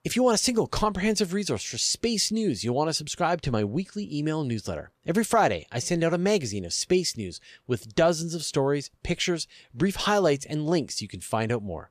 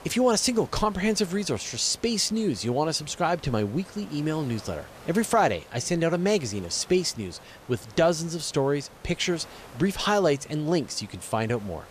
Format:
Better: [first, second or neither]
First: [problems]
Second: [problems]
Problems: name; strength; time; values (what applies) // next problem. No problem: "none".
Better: first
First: none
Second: hiss; faint; throughout; 20 dB below the speech